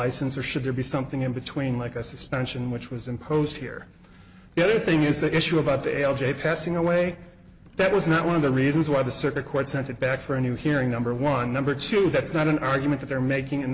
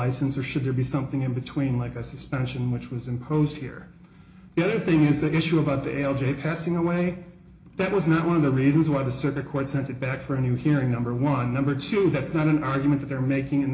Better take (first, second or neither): first